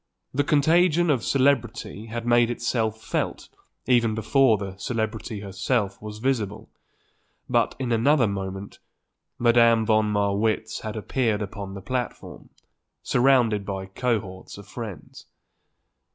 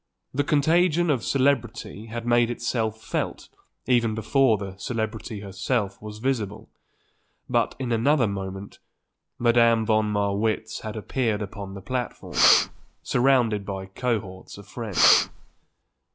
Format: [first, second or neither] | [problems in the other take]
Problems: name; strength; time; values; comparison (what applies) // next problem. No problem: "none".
first | background sound (Breathing); as loud as the speech